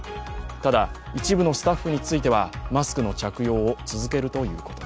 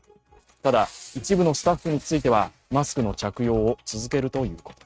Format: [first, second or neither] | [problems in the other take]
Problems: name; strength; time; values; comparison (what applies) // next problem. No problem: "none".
first | noise reduction (neural mask model RNNoise)